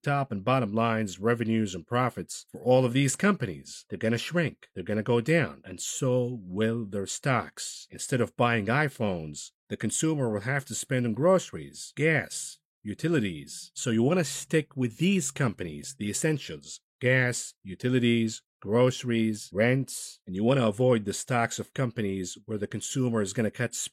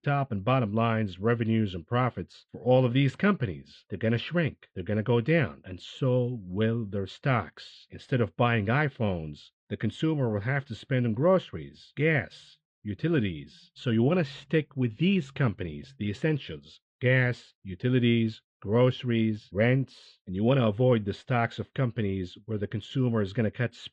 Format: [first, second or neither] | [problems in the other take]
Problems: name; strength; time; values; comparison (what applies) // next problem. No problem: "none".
first | muffled; very; fading above 3.5 kHz